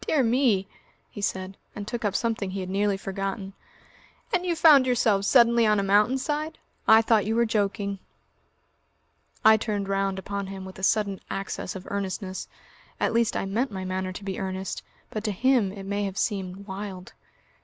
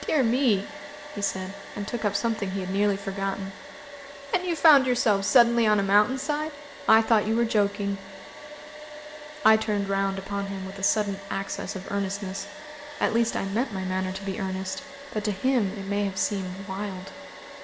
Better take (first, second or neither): first